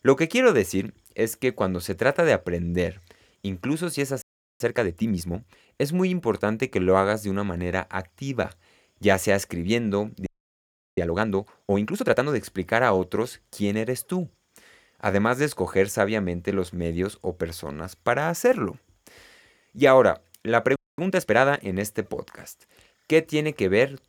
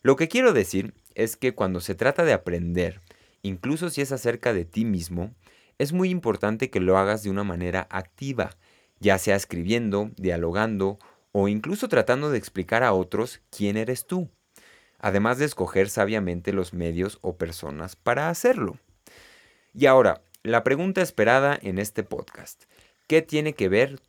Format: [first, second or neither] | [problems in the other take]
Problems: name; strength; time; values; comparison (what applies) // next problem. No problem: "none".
second | audio freezing; at 4 s, at 10 s for 0.5 s and at 21 s